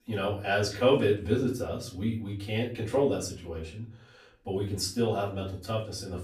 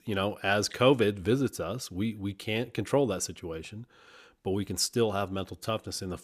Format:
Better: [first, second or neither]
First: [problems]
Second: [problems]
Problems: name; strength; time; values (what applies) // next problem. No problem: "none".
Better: second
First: room echo; slight; dies away in 0.4 s // off-mic speech; far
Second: none